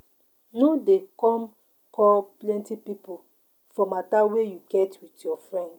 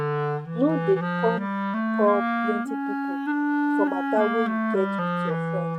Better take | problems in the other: first | noise reduction (neural mask model RNNoise)

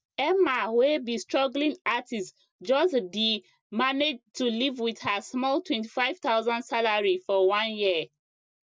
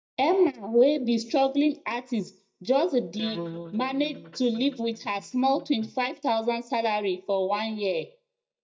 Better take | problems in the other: first | noise reduction (neural mask model DeepFilterNet 3)

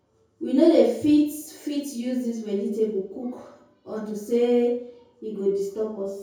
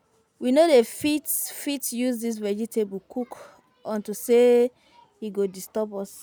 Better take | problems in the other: second | room echo; dies away in 0.6 s

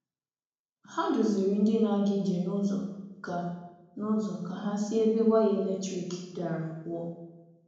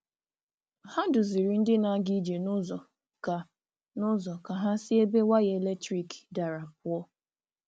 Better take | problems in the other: second | room echo; dies away in 0.9 s

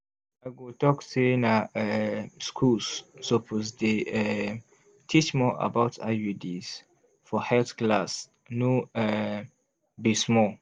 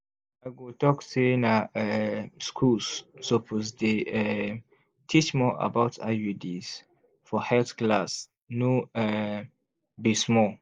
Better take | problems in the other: first | noise reduction (neural mask model Resemble Enhance denoiser)

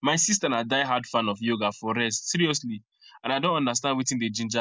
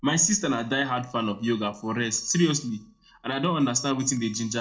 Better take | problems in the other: first | noise reduction (neural separator model SepFormer DNS4)

